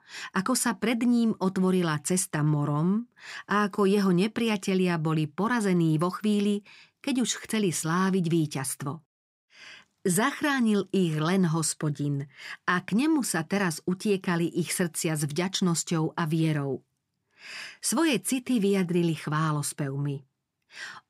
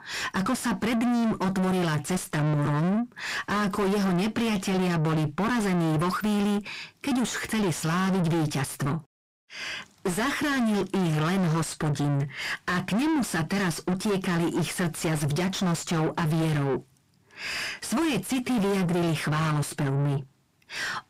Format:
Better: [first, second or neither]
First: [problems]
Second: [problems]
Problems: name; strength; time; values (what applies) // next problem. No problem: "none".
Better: first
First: none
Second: distortion; heavy; 6 dB below the speech